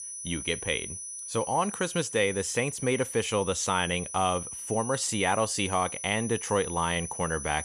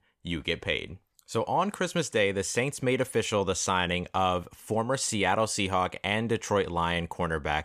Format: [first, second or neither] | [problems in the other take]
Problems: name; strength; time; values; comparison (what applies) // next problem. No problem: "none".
second | high-pitched whine; loud; throughout; 10 kHz, 8 dB below the speech